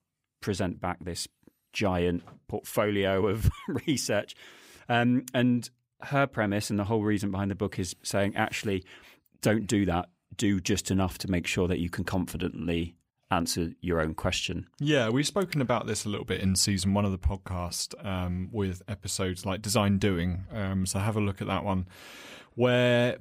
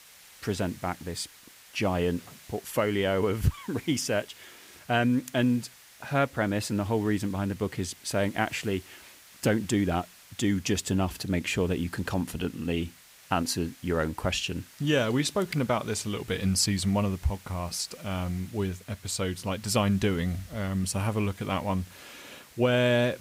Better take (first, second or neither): first